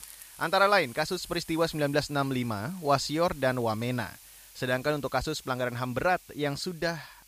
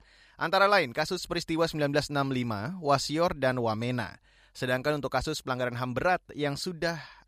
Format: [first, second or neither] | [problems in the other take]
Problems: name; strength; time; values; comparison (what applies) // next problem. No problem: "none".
second | hiss; noticeable; throughout; 20 dB below the speech